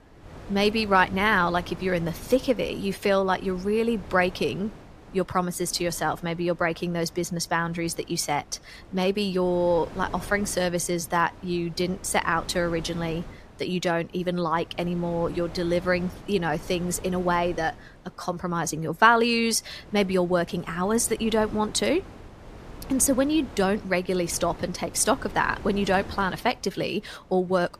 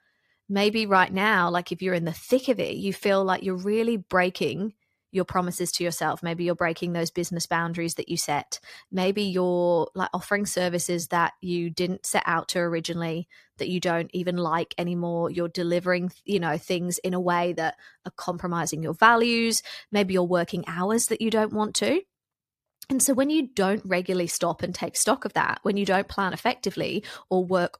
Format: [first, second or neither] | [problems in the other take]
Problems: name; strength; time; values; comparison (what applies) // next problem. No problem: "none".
second | wind noise on the microphone; occasional gusts; 20 dB below the speech